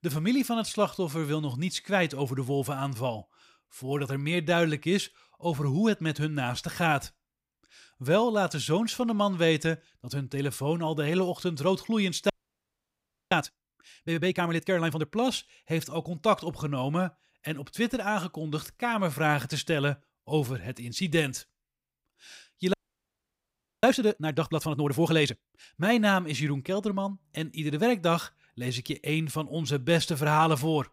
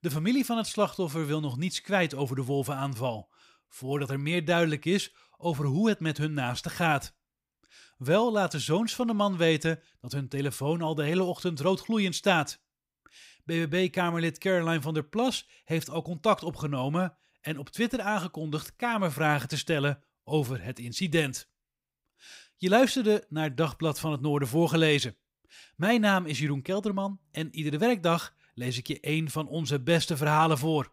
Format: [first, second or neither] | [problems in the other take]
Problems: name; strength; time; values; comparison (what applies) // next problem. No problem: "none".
second | audio freezing; at 12 s for 1 s and at 23 s for 1 s